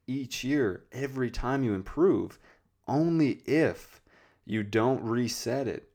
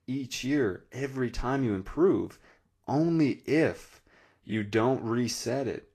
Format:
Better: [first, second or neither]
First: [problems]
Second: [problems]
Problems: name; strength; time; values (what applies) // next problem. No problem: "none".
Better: first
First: none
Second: garbled, watery; slightly; nothing above 13 kHz